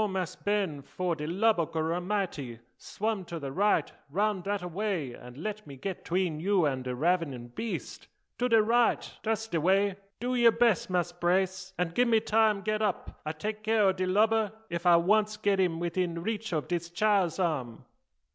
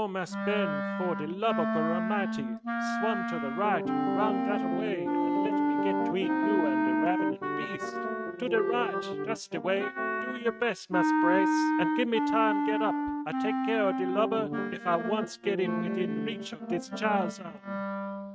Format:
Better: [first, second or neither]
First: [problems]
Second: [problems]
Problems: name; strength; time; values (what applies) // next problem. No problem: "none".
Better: first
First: none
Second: noise reduction (neural mask model RNNoise)